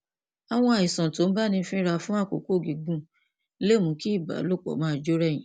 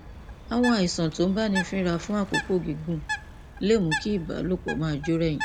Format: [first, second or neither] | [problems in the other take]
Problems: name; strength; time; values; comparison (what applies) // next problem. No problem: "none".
first | background sound (Bird); 9 dB below the speech